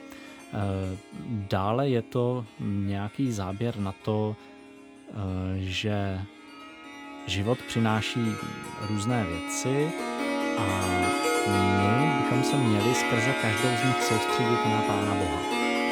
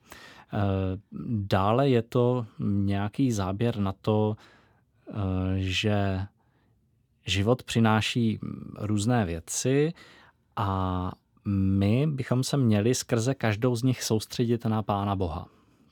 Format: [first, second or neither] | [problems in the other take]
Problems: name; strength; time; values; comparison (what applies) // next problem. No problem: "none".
second | background music; very loud; throughout; 2 dB above the speech